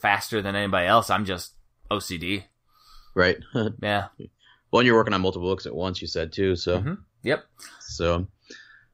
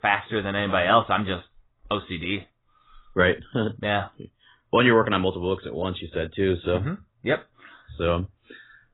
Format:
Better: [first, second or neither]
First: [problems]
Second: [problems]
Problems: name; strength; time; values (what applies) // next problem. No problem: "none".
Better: first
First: none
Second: garbled, watery; badly; nothing above 4 kHz